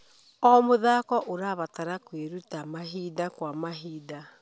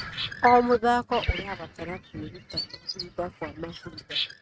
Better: first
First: none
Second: noise reduction (neural mask model RNNoise)

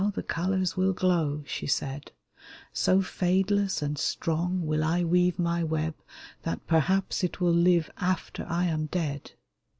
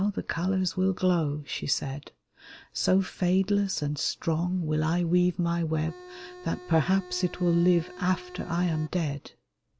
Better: first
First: none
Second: background sound (Organ); 17 dB below the speech

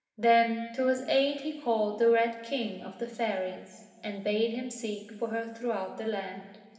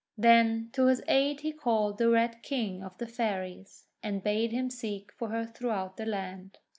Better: second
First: room echo; dies away in 2.9 s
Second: none

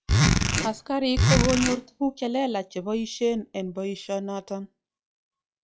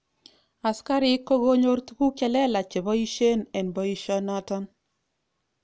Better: second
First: noise reduction (classical method log-MMSE)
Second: none

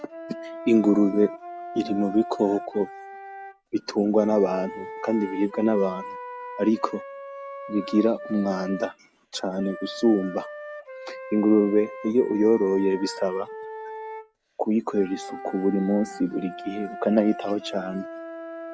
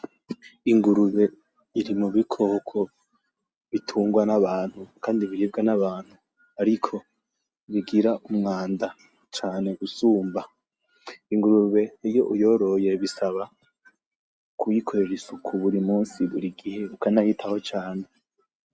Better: second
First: background sound (Wind instrument, woodwind instrument); 13 dB below the speech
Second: none

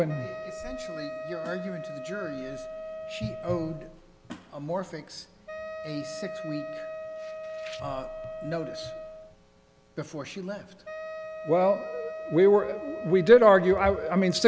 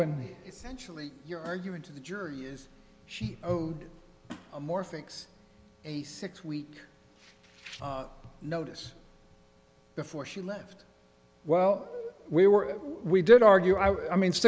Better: second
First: background sound (Wind instrument, woodwind instrument); 11 dB below the speech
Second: none

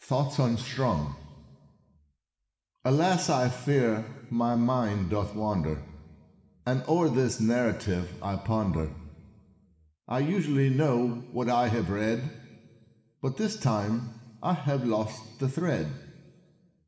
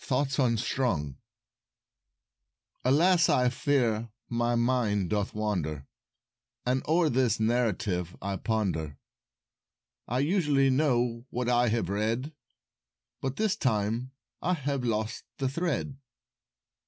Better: second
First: room echo; dies away in 1.7 s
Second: none

